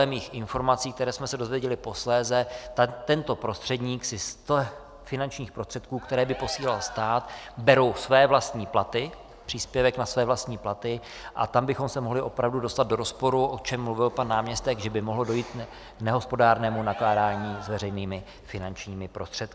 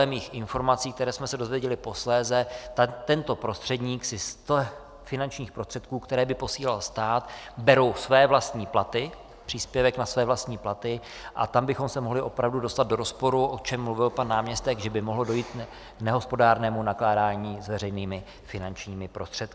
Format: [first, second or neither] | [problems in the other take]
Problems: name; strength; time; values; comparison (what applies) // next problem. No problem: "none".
second | background sound (Cheering); 14 dB below the speech